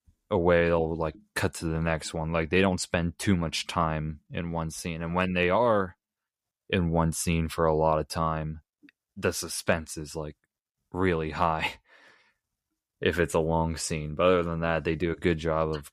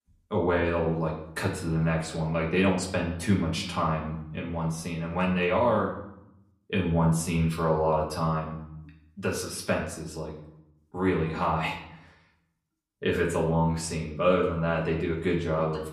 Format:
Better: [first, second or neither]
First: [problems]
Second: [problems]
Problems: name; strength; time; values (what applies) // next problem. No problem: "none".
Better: first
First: none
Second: room echo; slight; dies away in 0.6 s // off-mic speech; far